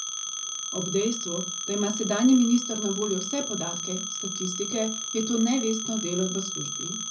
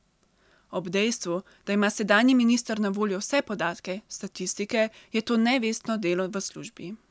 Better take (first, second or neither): second